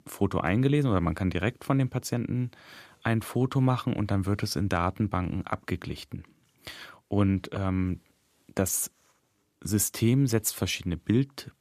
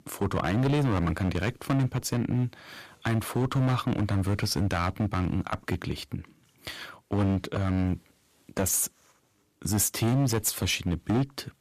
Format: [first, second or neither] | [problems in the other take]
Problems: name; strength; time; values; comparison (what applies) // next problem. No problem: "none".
first | distortion; heavy; 9% of the sound clipped